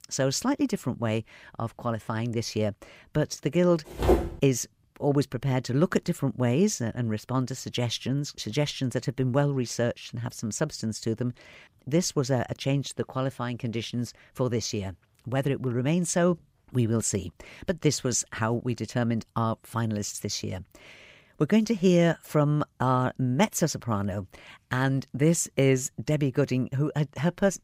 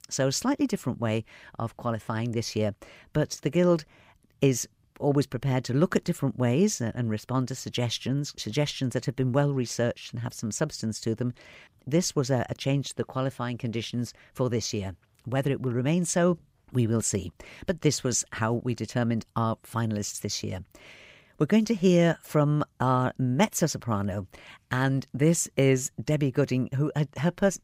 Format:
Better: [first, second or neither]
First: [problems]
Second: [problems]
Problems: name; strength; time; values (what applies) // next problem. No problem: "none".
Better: second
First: footsteps; loud; at 4 s; peak 3 dB above the speech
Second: none